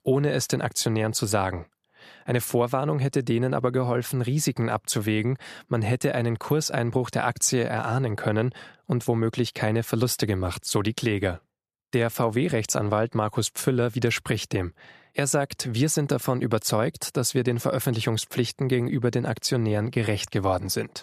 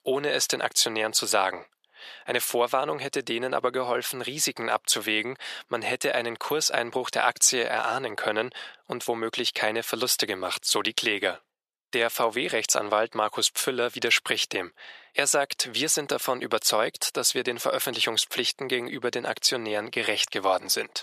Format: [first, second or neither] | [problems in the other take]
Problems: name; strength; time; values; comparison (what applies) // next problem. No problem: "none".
first | thin; very; fading below 500 Hz